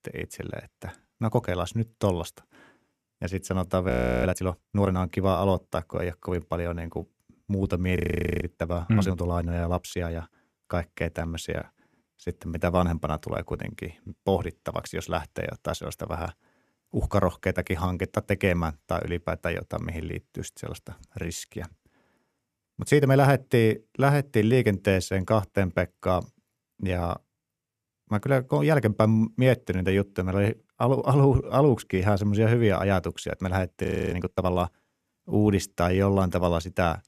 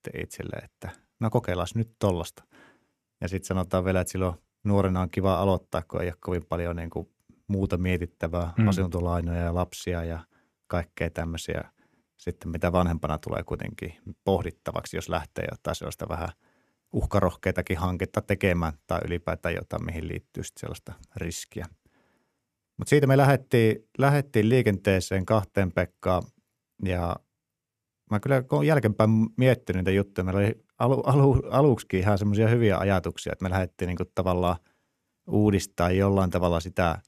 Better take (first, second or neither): second